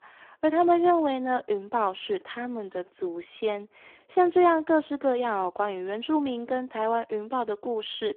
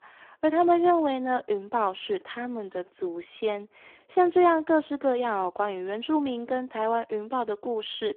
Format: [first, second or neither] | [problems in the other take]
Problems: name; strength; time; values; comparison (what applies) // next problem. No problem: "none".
neither | phone-call audio; poor line; nothing above 3.5 kHz; the same in both